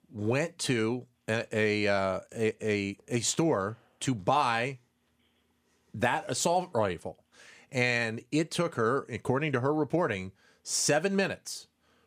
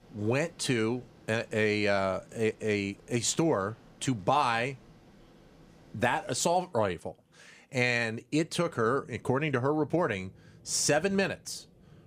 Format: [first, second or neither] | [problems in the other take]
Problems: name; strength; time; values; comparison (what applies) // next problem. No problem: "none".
first | rain or running water; faint; throughout; 25 dB below the speech